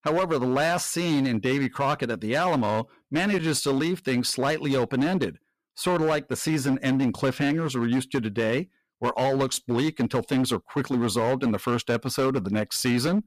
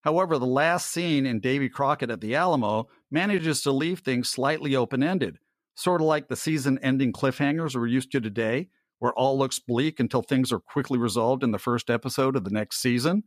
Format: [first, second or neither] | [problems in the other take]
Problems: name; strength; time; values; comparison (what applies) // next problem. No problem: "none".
second | distortion; slight; 12% of the sound clipped